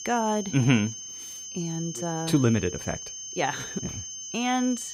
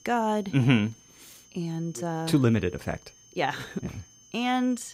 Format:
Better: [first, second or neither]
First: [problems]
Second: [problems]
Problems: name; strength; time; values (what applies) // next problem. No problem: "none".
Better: second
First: high-pitched whine; loud; throughout; 6.5 kHz, 9 dB below the speech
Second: high-pitched whine; faint; throughout; 6.5 kHz, 25 dB below the speech